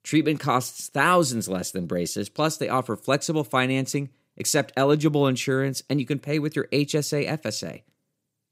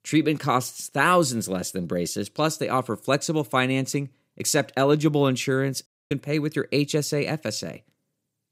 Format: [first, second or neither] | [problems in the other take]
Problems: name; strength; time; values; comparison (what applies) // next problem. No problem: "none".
first | audio cutting out; at 6 s